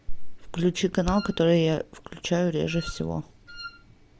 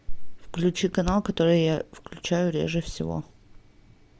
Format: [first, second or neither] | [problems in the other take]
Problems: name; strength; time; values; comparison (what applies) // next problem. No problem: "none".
second | background sound (Wind instrument, woodwind instrument); 18 dB below the speech